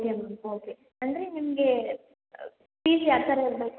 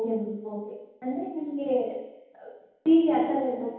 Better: first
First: none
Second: room echo; dies away in 2.2 s

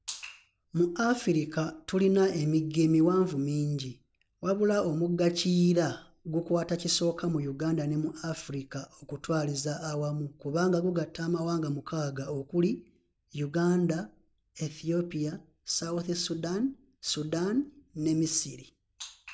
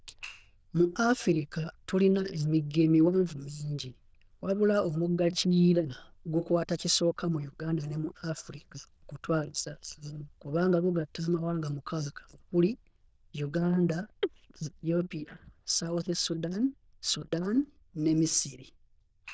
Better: first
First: none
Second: noise reduction (neural diffusion model UNIVERSE++)

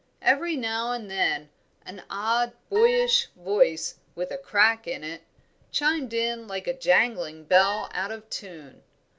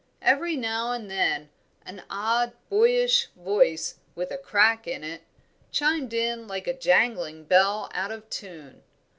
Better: second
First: background sound (Wind instrument, woodwind instrument); 10 dB below the speech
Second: none

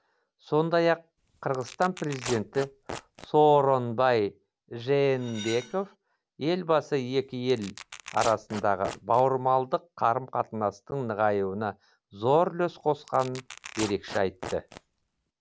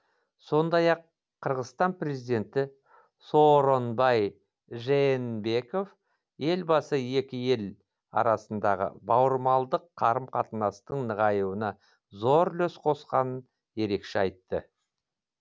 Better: second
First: background sound (Cutlery, silverware + Tearing); 15 dB below the speech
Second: none

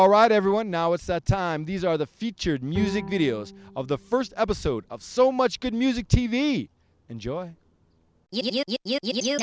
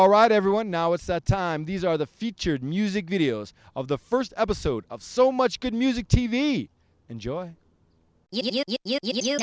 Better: second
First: background sound (Bowed string instrument); 14 dB below the speech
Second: none

